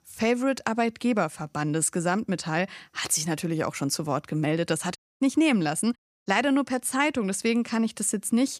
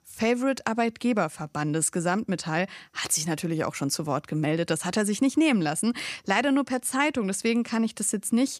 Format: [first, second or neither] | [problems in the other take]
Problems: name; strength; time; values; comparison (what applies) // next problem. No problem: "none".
second | audio cutting out; at 5 s and at 6 s